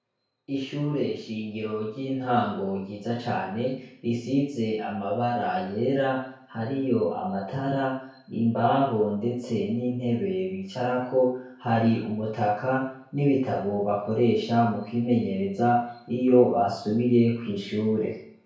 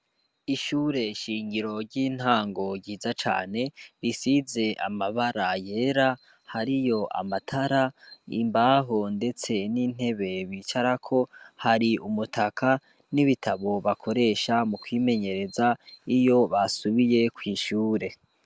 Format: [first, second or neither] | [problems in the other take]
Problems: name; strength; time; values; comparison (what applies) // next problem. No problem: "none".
second | room echo; dies away in 0.6 s